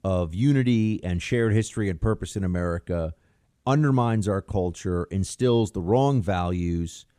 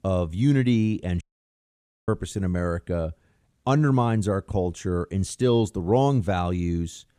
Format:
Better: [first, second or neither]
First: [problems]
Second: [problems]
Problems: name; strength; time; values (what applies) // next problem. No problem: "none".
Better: first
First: none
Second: audio cutting out; at 1 s for 1 s